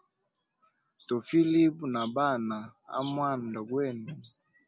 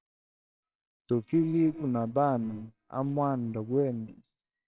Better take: first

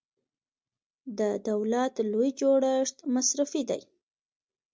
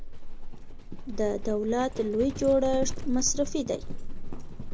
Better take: first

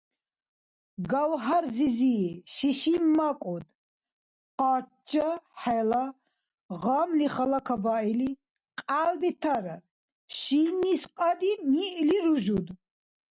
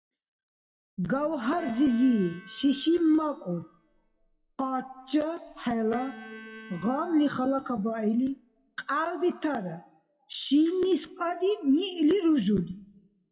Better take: first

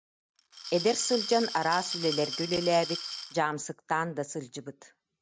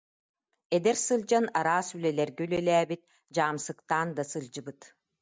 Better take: second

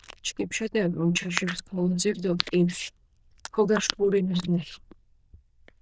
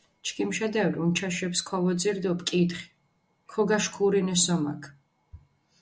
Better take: second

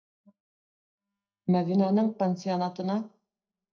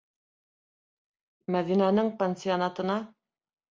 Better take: second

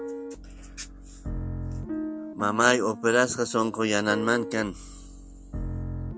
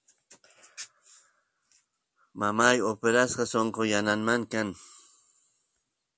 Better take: second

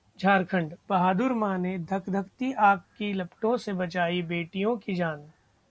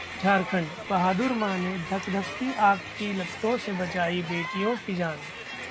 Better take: first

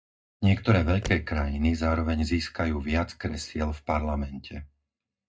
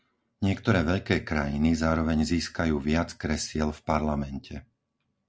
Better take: second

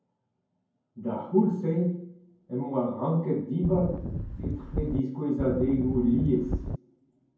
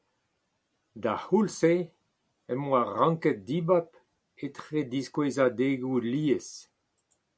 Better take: second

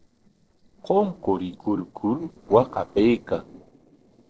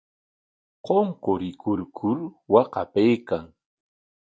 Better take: second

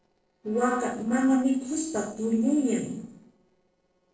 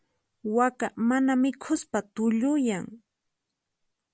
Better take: second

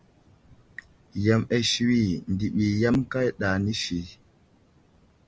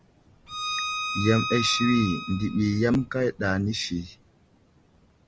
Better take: first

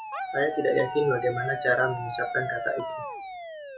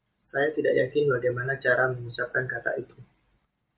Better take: second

